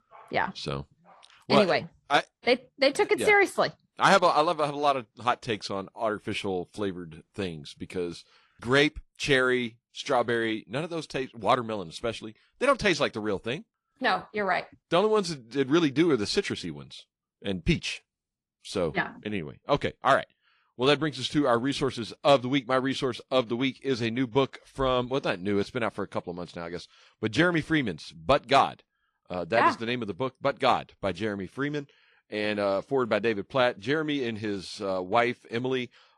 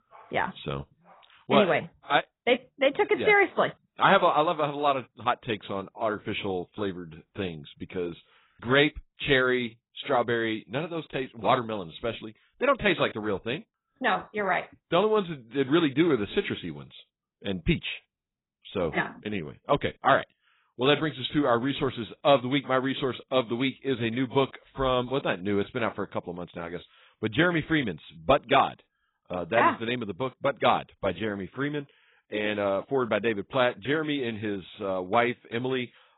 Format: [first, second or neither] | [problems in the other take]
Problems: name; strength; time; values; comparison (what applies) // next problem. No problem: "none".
first | garbled, watery; badly; nothing above 4 kHz; slightly in the first